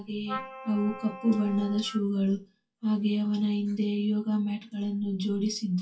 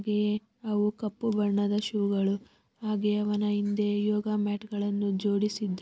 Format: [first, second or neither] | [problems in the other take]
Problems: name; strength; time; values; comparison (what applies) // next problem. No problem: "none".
second | noise reduction (classical method WPE with log-MMSE)